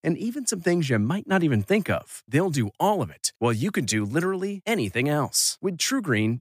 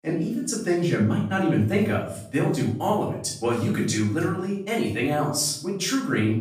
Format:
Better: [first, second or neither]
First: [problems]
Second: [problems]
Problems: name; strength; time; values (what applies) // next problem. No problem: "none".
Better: first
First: none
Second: off-mic speech; far // room echo; noticeable; dies away in 0.6 s